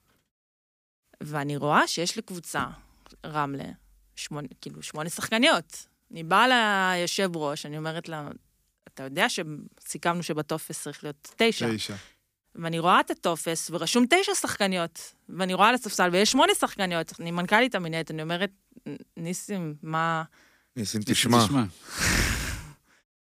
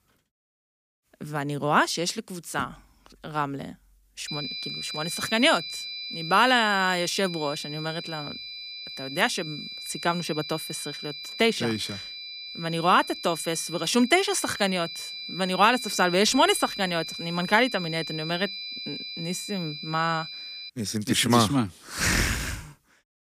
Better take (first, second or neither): first